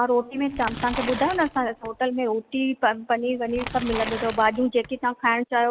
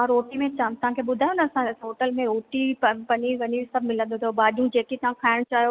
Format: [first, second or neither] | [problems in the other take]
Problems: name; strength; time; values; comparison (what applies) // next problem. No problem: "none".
second | background sound (Tearing); 12 dB below the speech